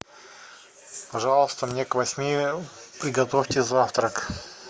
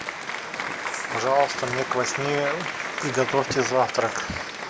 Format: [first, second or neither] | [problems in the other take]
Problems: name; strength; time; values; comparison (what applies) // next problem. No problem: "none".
first | background sound (Applause); 4 dB below the speech